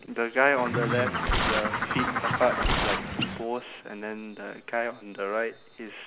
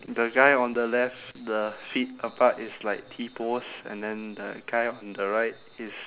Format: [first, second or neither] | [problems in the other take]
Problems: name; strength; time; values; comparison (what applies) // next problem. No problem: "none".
second | background sound (Tearing + Bird); 2 dB above the speech